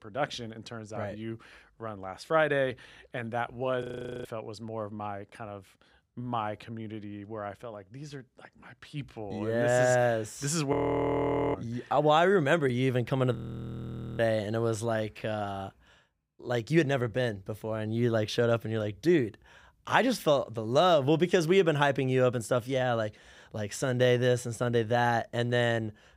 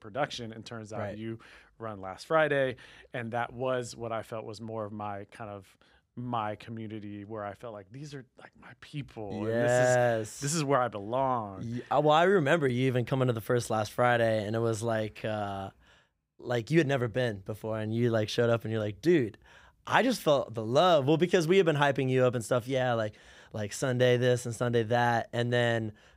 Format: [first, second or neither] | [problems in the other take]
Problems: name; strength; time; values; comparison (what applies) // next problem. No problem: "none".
second | audio freezing; at 4 s, at 11 s for 1 s and at 13 s for 1 s